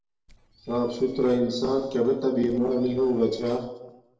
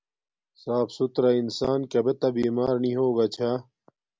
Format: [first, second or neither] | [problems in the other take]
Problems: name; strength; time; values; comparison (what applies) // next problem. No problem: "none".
second | noise reduction (neural separator model SepFormer DNS4)